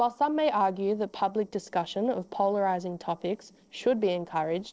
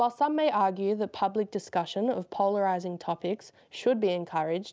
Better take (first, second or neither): second